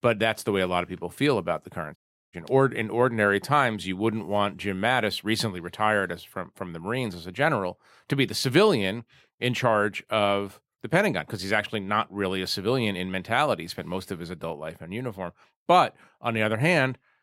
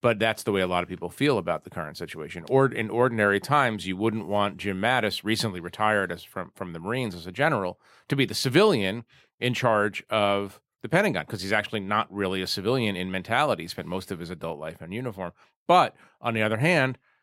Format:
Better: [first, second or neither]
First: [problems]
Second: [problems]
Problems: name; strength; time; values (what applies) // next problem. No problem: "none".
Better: second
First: audio cutting out; at 2 s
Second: none